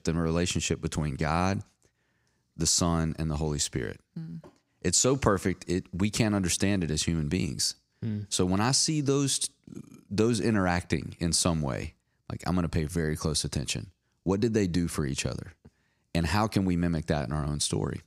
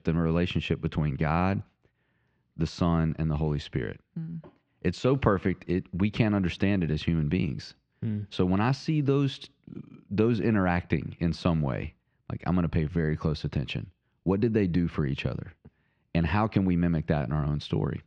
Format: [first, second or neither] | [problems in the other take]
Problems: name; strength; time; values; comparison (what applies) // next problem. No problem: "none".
first | muffled; very; fading above 3 kHz